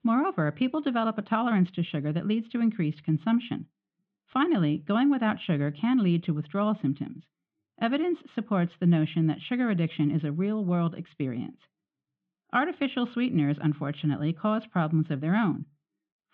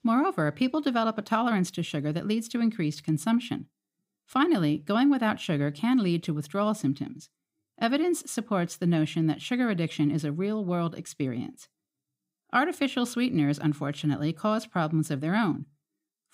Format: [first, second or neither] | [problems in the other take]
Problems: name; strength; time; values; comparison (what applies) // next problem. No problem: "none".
second | muffled; very; fading above 3 kHz